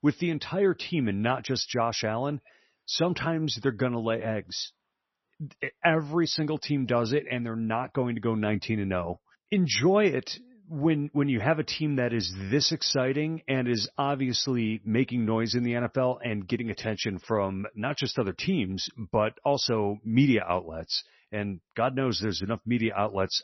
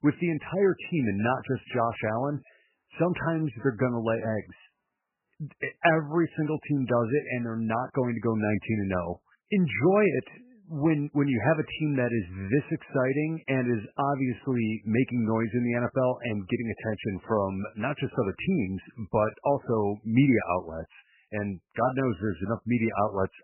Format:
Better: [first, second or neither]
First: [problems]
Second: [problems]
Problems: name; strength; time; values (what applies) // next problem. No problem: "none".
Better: first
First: garbled, watery; slightly; nothing above 6 kHz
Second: garbled, watery; badly; nothing above 3 kHz